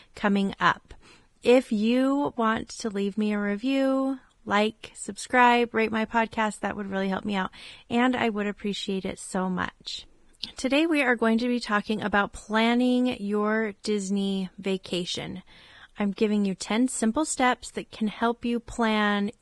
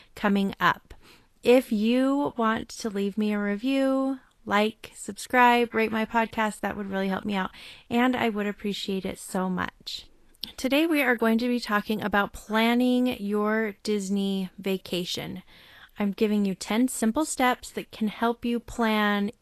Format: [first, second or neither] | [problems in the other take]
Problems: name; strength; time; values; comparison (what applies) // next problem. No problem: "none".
second | garbled, watery; badly; slightly in the second